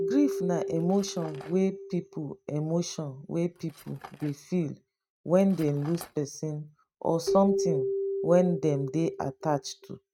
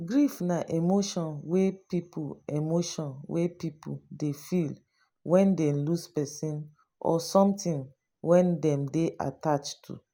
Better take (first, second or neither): second